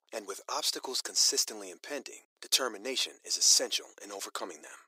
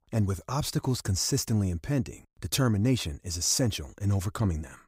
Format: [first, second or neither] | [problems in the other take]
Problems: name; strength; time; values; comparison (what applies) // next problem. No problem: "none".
second | thin; very; fading below 400 Hz